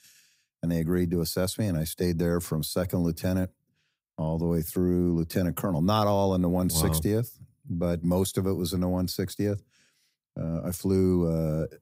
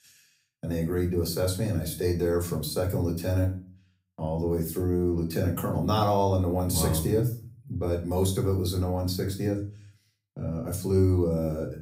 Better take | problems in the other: first | room echo; slight; dies away in 0.4 s // off-mic speech; somewhat distant

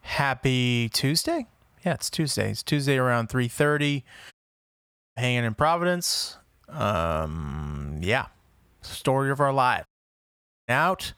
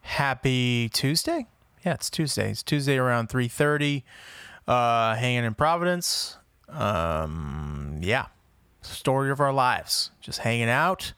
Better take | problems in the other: second | audio cutting out; at 4.5 s for 1 s and at 10 s for 1 s

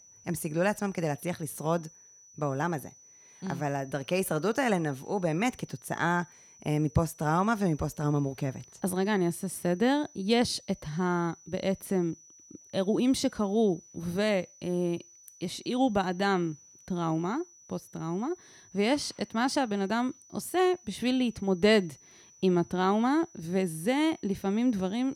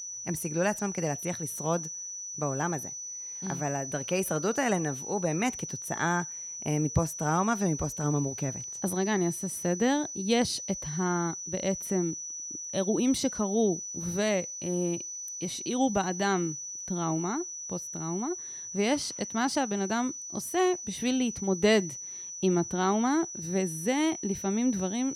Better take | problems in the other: first | high-pitched whine; loud; throughout; 6 kHz, 6 dB below the speech; faint in the first

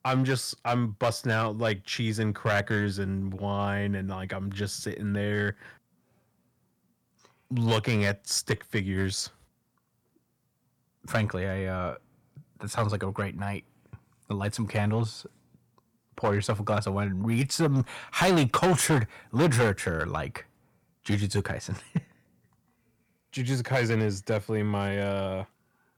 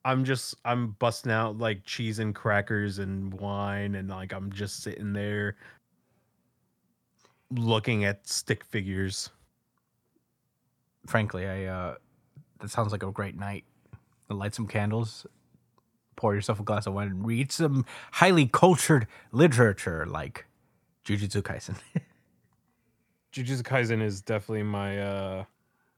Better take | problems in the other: second | distortion; heavy; 3% of the sound clipped

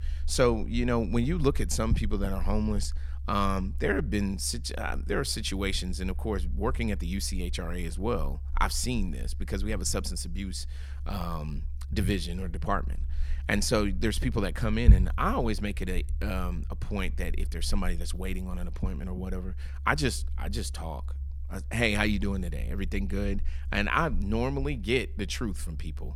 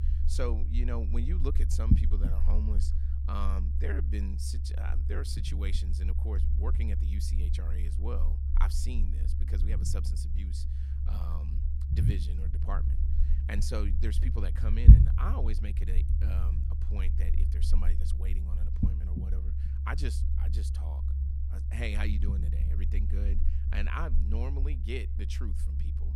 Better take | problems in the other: first | low rumble; loud; throughout; 3 dB below the speech; faint in the first

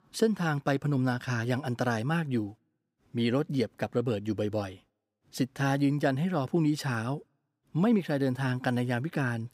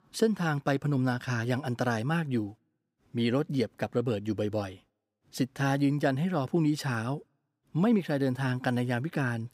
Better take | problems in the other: neither | none

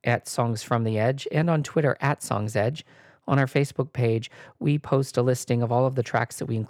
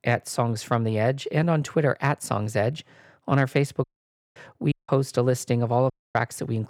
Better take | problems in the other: first | audio cutting out; at 4 s for 0.5 s, at 4.5 s and at 6 s

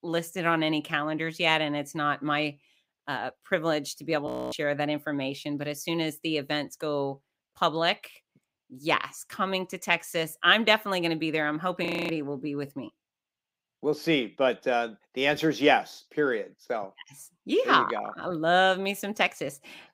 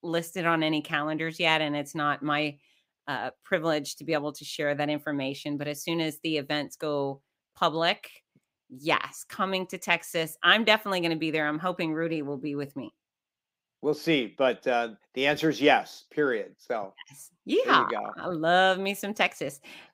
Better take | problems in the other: second | audio freezing; at 4.5 s and at 12 s

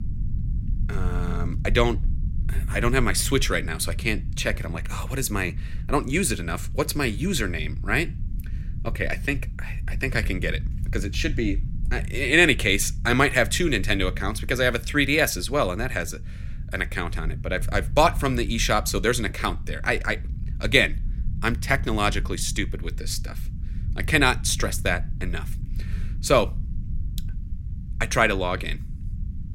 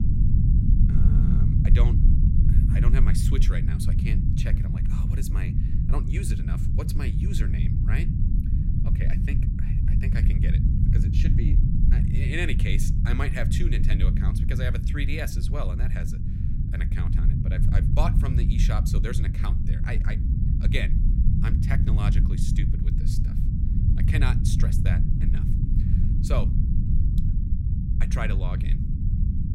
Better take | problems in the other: first | low rumble; loud; throughout; 1 dB below the speech; faint in the first

